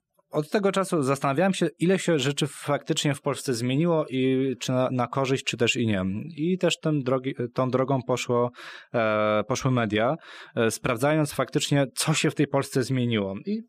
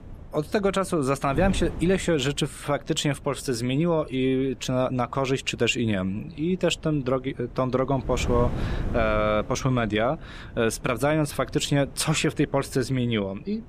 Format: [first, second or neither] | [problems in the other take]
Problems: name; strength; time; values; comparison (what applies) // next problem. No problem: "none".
first | wind noise on the microphone; occasional gusts; 20 dB below the speech